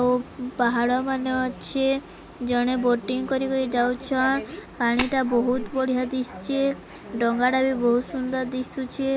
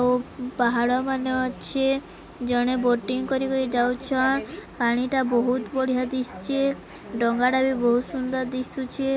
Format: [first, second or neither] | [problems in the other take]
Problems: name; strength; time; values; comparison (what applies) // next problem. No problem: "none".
second | background sound (Tap); 9 dB below the speech